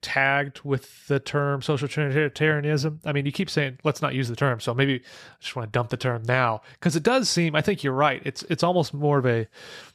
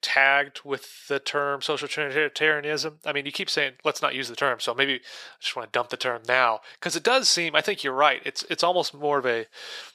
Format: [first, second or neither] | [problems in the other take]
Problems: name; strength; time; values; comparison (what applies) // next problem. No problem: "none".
first | thin; very; fading below 500 Hz